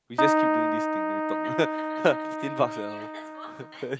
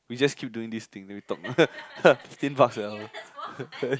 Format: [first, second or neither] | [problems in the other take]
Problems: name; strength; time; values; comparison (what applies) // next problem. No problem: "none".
second | background sound (Keyboard (musical)); 3 dB above the speech